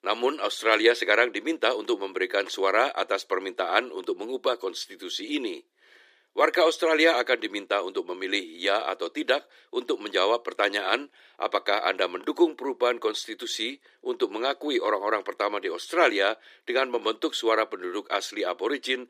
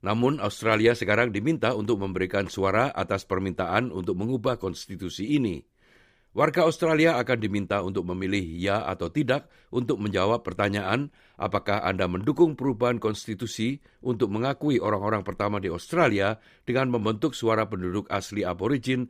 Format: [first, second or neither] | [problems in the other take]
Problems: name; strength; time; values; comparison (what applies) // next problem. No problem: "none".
second | thin; somewhat; fading below 350 Hz